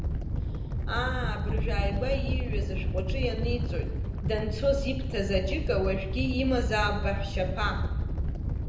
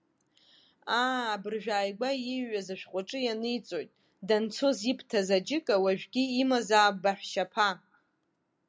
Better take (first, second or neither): second